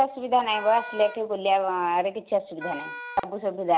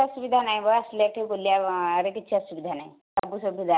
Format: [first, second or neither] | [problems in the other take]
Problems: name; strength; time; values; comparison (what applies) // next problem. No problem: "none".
second | background sound (Wind instrument, woodwind instrument); 15 dB below the speech